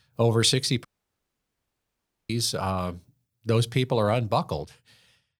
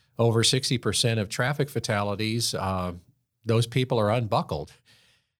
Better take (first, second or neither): second